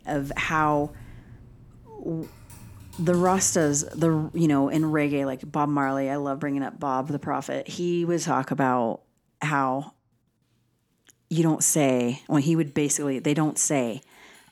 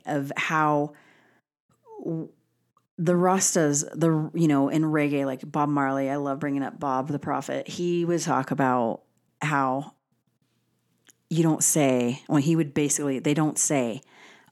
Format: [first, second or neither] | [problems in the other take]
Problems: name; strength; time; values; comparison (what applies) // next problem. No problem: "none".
second | household noises; faint; throughout; 25 dB below the speech